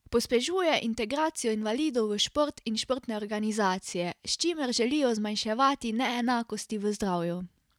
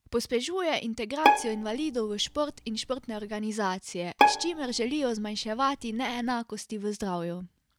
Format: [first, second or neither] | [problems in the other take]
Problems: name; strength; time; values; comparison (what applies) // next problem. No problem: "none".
first | background sound (Bowed string instrument); 1 dB above the speech